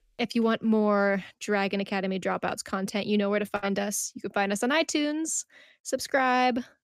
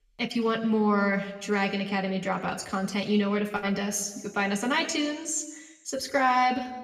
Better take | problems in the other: first | room echo; slight; dies away in 1 s

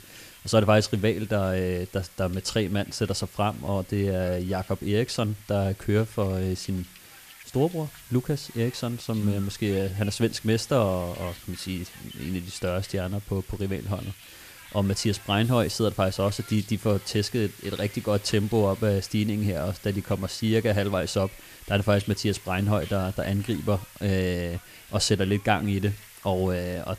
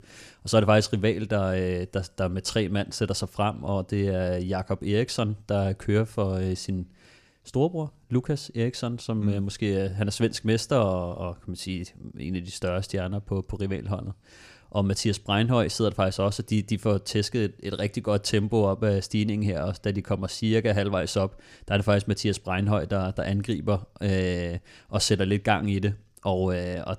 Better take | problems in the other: second | hiss; noticeable; throughout; 20 dB below the speech

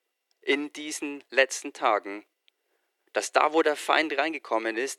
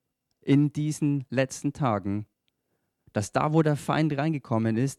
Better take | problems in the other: second | thin; very; fading below 350 Hz

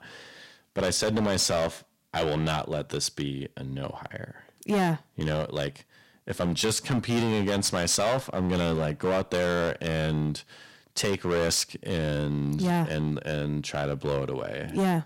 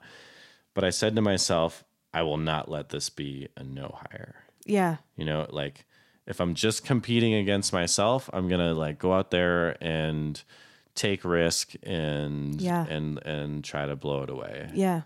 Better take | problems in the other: second | distortion; heavy; 10% of the sound clipped

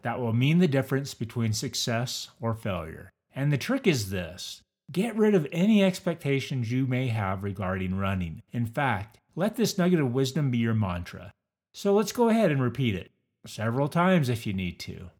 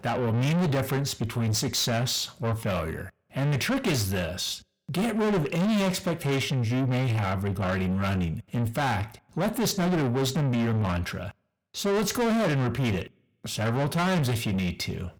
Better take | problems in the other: first | distortion; heavy; 6 dB below the speech

